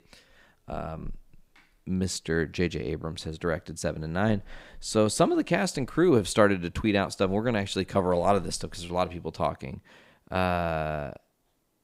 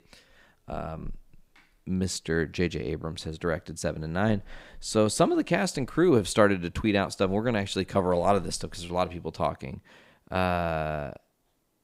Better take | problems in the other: neither | none

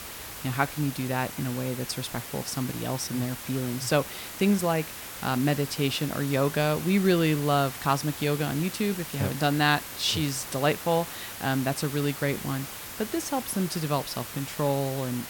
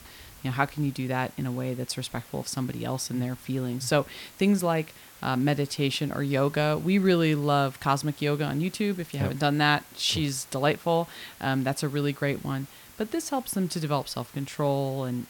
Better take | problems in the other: second | hiss; loud; throughout; 9 dB below the speech; faint in the second

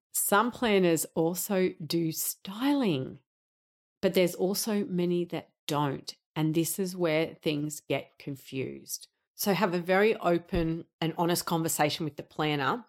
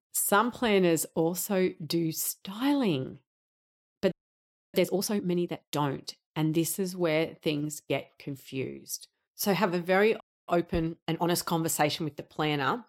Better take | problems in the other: first | audio freezing; at 4 s for 0.5 s and at 10 s

